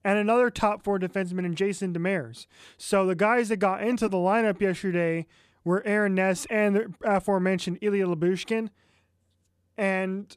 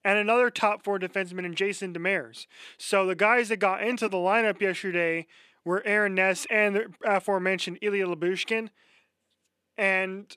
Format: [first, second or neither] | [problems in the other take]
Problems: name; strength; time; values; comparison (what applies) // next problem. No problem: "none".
first | thin; very slightly; fading below 250 Hz